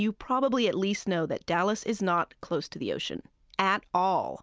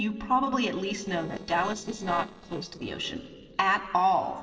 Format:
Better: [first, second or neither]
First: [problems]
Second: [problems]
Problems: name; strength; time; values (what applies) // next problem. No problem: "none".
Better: first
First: none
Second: noise reduction (neural separator model SepFormer DNS4)